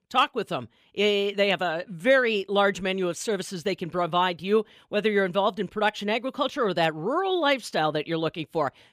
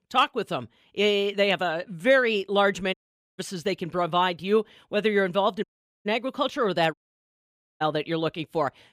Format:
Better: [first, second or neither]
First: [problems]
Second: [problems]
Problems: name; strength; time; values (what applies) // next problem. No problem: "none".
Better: first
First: none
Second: audio cutting out; at 3 s, at 5.5 s and at 7 s for 1 s